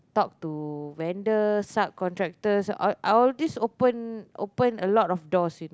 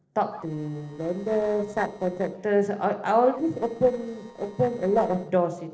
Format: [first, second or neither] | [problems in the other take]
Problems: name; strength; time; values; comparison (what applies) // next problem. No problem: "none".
first | noise reduction (neural separator model SepFormer DNS4)